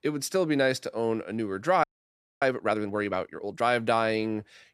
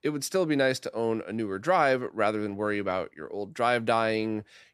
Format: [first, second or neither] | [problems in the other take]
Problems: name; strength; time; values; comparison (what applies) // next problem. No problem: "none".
second | audio freezing; at 2 s for 0.5 s